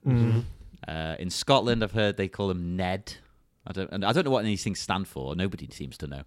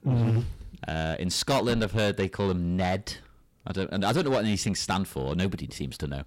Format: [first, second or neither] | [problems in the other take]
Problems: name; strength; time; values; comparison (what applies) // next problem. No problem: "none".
first | distortion; heavy; 8 dB below the speech